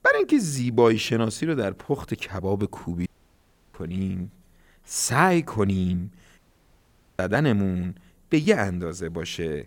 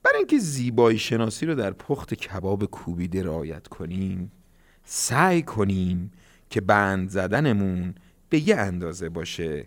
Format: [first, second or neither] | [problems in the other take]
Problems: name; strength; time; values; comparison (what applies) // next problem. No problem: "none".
second | audio cutting out; at 3 s for 0.5 s and at 6.5 s for 1 s